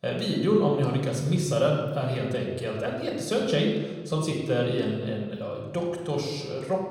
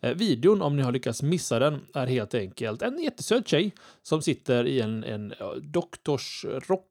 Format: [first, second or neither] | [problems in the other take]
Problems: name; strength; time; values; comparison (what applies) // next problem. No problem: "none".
second | off-mic speech; somewhat distant // room echo; noticeable; dies away in 1.2 s